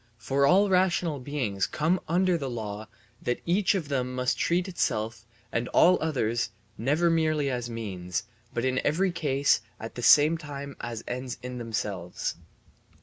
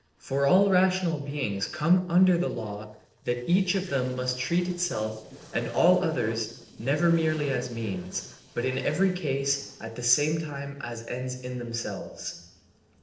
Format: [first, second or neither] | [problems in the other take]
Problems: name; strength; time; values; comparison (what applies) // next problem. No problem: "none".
first | noise reduction (neural separator model SepFormer DNS4)